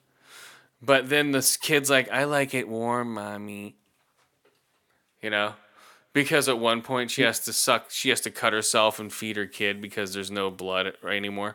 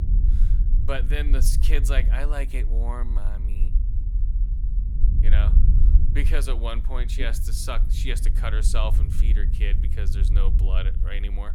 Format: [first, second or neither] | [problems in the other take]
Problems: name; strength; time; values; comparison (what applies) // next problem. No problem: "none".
first | low rumble; loud; throughout; 10 dB below the speech